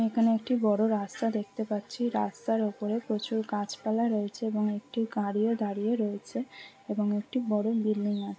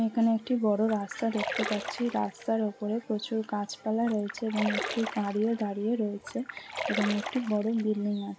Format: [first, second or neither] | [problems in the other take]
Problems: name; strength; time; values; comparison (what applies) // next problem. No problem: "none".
first | background sound (Splash, splatter); 8 dB below the speech